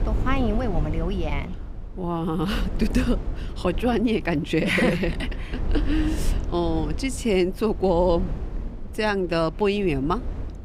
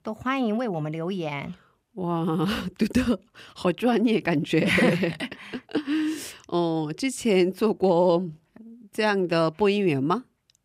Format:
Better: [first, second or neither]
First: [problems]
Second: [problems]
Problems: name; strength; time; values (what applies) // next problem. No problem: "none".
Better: second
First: low rumble; noticeable; throughout; 15 dB below the speech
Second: none